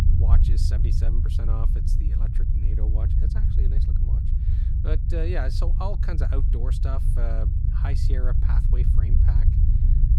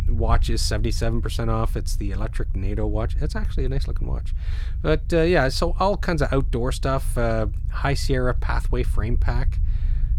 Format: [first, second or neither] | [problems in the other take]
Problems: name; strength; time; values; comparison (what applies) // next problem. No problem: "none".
second | low rumble; loud; throughout; 2 dB below the speech; faint in the second